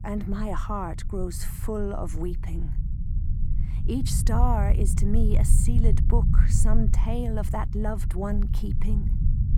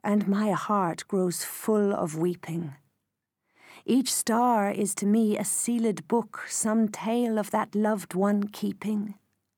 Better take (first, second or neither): second